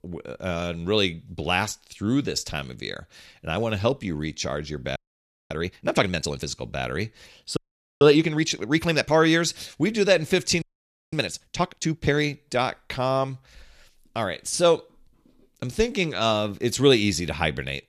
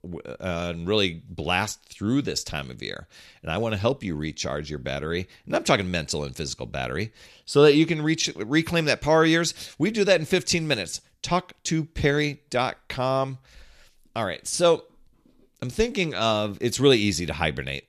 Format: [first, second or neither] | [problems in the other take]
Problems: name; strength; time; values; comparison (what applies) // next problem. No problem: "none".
second | audio freezing; at 5 s for 0.5 s, at 7.5 s and at 11 s for 0.5 s